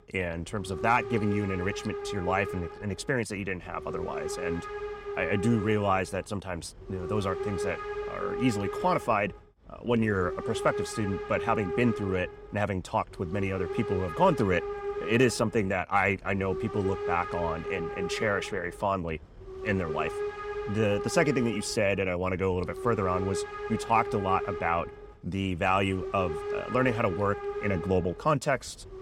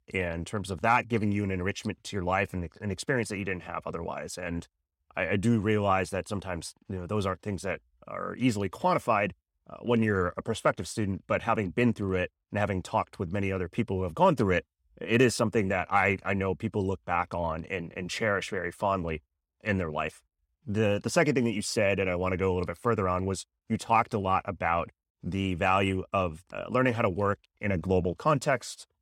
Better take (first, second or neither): second